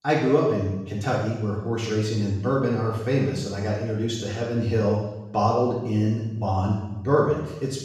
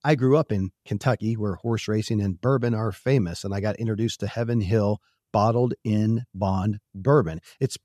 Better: second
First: room echo; strong; dies away in 0.8 s // off-mic speech; far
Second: none

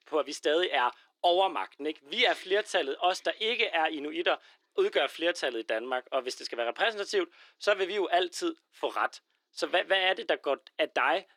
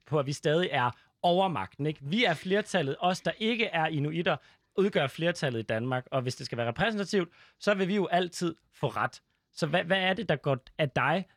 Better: second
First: thin; very; fading below 300 Hz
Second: none

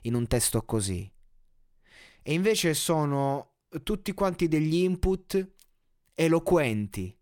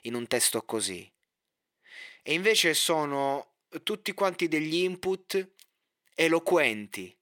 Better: first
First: none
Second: thin; somewhat; fading below 350 Hz

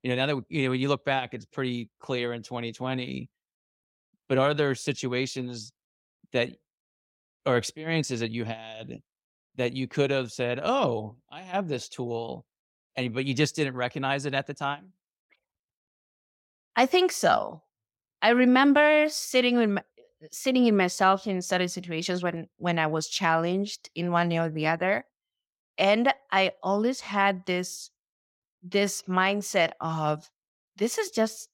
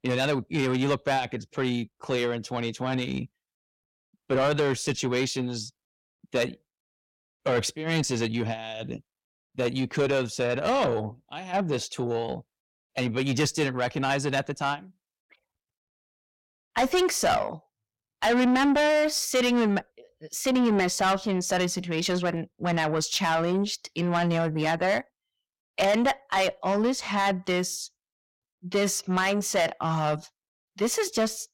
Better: first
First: none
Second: distortion; heavy; 8 dB below the speech

